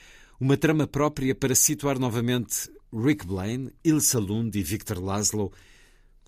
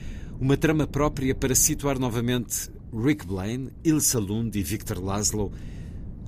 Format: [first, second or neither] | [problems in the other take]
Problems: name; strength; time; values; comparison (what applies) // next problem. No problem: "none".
first | wind noise on the microphone; occasional gusts; 25 dB below the speech